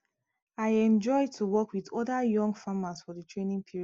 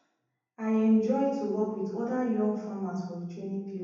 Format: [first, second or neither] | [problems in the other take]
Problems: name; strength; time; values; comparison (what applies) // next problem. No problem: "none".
first | room echo; dies away in 1.1 s